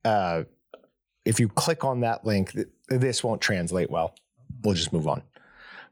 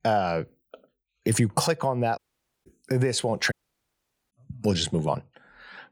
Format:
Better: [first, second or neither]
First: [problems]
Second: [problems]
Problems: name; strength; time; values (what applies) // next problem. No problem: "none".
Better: first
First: none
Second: audio cutting out; at 2 s and at 3.5 s for 1 s